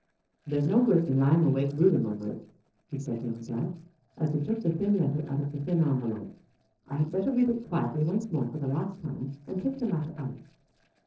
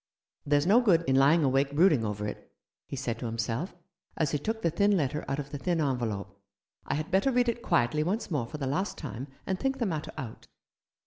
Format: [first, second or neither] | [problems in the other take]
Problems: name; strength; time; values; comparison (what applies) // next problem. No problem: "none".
second | noise reduction (neural separator model SepFormer DNS4)